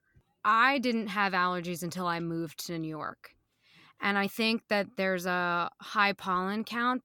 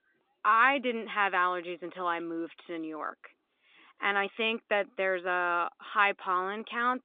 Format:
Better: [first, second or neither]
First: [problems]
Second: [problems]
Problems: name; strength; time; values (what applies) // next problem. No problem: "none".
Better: first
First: none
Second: phone-call audio